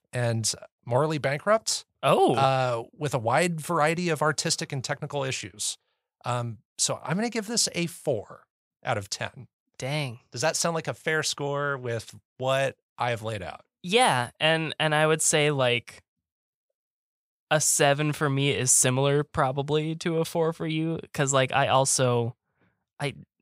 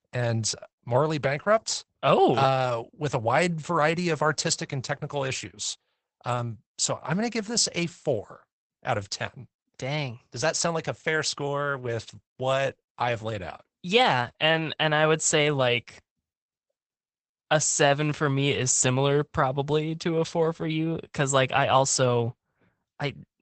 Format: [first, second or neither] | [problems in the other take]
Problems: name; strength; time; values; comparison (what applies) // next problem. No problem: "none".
first | garbled, watery; badly; nothing above 8 kHz